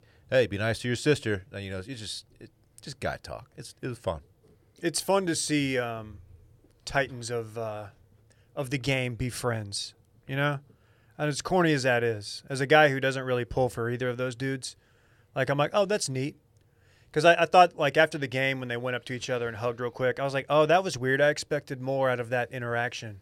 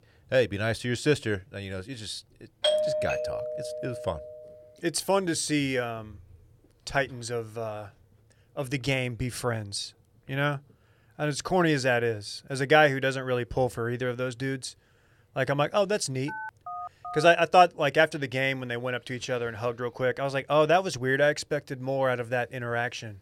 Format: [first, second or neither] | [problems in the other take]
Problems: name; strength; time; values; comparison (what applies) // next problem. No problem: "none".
first | doorbell; loud; from 2.5 to 4 s; peak 2 dB above the speech // phone ringing; faint; at 16 s; peak 10 dB below the speech